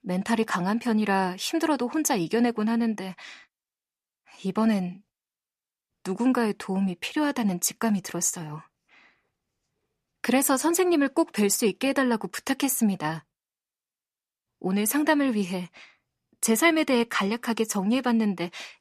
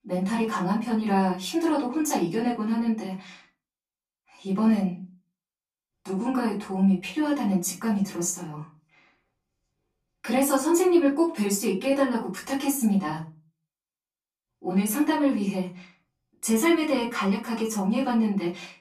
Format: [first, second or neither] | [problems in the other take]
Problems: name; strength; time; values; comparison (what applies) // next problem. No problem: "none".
first | off-mic speech; far // room echo; slight; dies away in 0.3 s